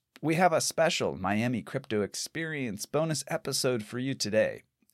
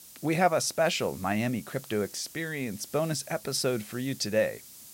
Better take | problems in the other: first | hiss; noticeable; throughout; 15 dB below the speech

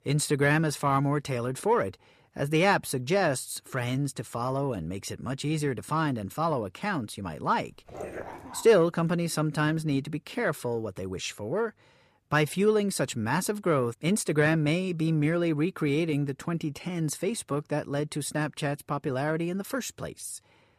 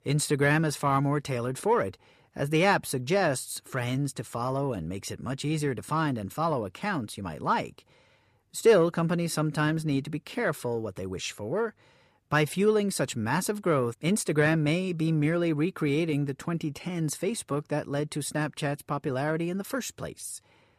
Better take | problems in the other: second | dog barking; faint; at 8 s; peak 10 dB below the speech

